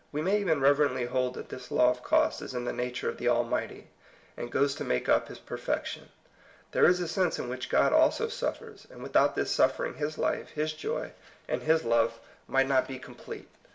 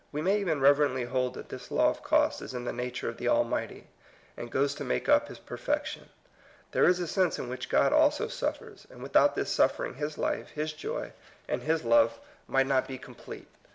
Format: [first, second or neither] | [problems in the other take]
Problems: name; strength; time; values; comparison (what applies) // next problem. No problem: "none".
second | room echo; dies away in 0.2 s